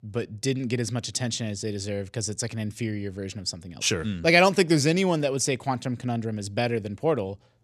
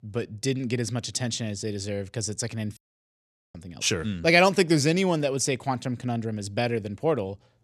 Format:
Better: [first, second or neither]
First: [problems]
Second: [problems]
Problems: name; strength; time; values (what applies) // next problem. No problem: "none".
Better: first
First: none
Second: audio cutting out; at 3 s for 1 s